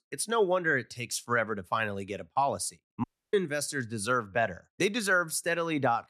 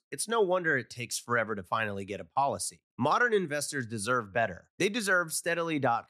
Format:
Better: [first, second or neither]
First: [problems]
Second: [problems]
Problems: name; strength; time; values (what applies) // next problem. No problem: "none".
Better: second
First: audio cutting out; at 3 s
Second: none